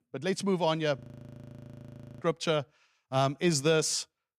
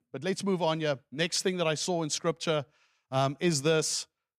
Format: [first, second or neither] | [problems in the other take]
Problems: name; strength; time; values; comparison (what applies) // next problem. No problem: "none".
second | audio freezing; at 1 s for 1 s